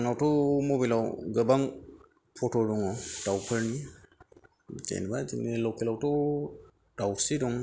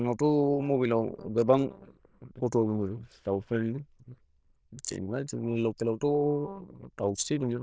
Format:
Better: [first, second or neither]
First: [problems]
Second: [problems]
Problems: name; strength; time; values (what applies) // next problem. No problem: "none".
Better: first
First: none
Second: noise reduction (neural diffusion model UNIVERSE++)